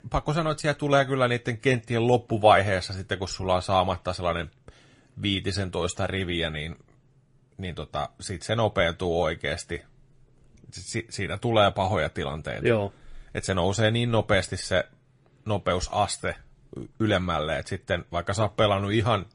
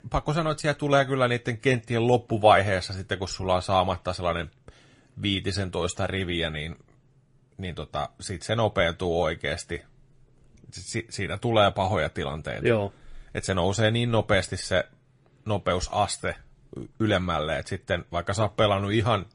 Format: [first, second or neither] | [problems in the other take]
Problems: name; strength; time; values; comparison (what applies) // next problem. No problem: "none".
neither | garbled, watery; slightly; nothing above 10.5 kHz; the same in both